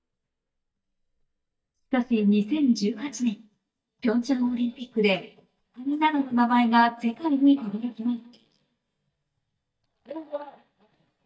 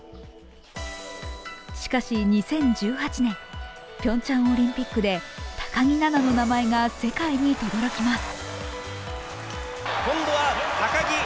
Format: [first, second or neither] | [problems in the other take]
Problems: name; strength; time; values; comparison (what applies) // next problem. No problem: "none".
second | noise reduction (neural mask model DeepFilterNet 3)